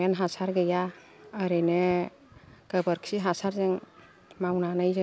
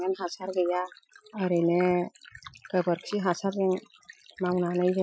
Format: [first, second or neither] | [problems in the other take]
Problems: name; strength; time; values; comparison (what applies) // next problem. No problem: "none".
first | noise reduction (classical method Wiener filter)